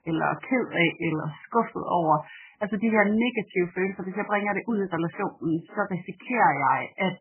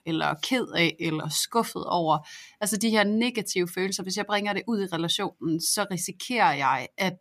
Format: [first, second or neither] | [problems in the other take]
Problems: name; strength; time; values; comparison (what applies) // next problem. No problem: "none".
second | garbled, watery; badly; nothing above 3 kHz